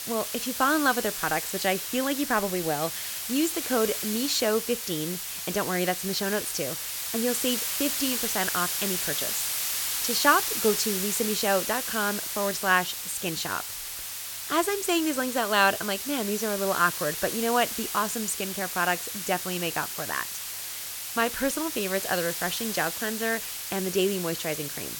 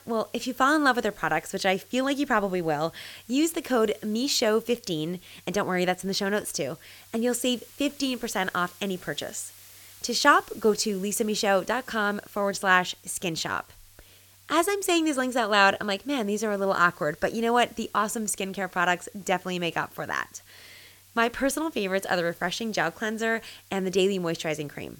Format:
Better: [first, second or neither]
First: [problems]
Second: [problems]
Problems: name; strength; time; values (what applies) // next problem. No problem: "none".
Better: second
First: hiss; loud; throughout; 2 dB below the speech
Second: hiss; faint; throughout; 25 dB below the speech